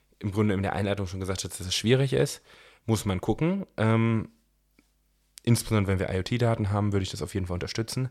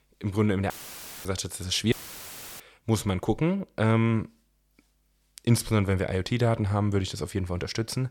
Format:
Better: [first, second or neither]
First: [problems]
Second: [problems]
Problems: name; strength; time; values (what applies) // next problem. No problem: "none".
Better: first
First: none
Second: audio cutting out; filled with static; at 0.5 s for 0.5 s and at 2 s for 0.5 s